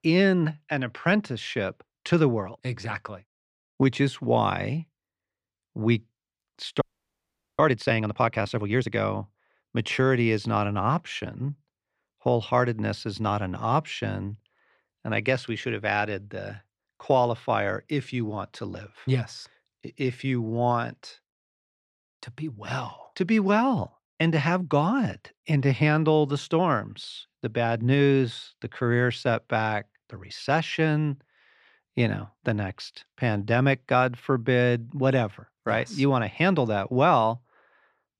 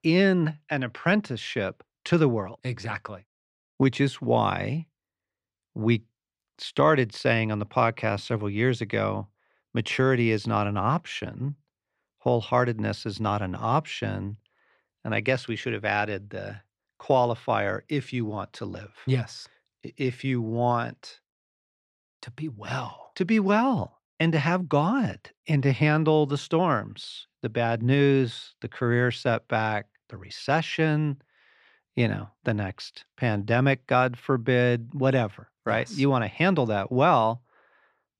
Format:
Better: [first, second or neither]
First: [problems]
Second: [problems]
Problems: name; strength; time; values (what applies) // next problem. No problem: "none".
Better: second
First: audio freezing; at 7 s for 1 s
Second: none